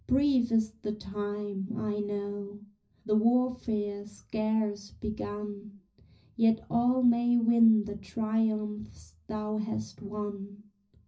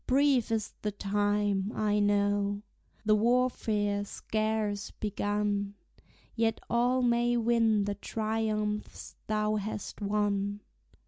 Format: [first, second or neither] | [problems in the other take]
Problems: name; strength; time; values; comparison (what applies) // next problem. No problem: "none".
second | room echo; dies away in 0.4 s